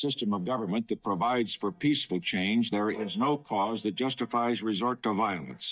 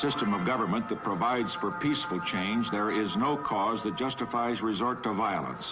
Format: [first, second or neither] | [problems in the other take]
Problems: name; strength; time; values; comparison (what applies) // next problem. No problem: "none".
second | noise reduction (neural mask model DeepFilterNet 3)